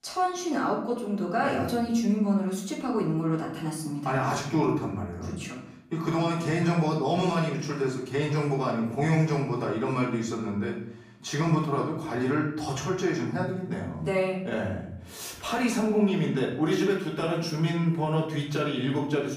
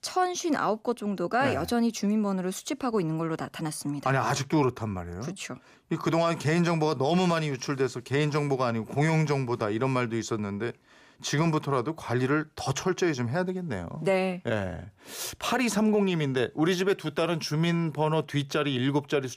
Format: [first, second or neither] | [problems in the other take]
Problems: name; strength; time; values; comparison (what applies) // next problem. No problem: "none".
second | off-mic speech; far // room echo; noticeable; dies away in 0.6 s